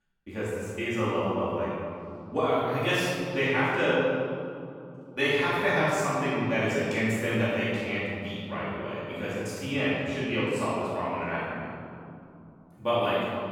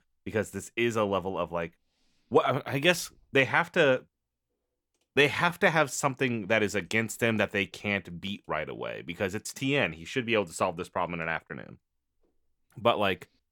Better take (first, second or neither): second